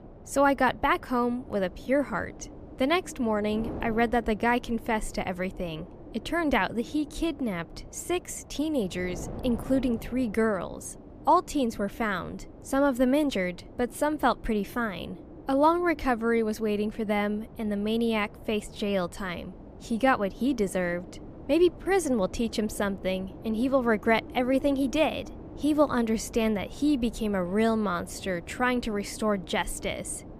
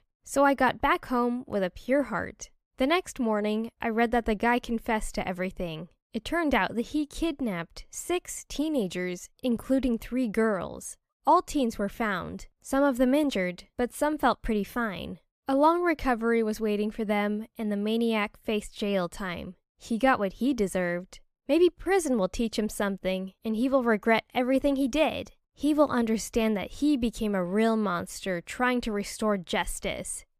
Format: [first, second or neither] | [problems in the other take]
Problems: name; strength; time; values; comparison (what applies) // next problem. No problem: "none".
second | wind noise on the microphone; occasional gusts; 20 dB below the speech